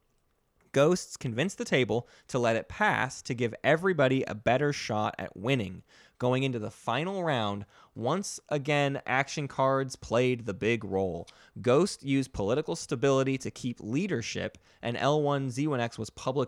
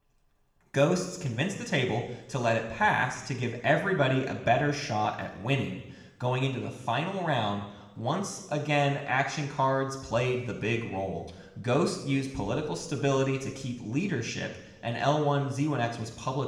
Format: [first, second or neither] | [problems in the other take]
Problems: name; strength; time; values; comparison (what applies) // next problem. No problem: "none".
first | room echo; slight; dies away in 0.9 s // off-mic speech; somewhat distant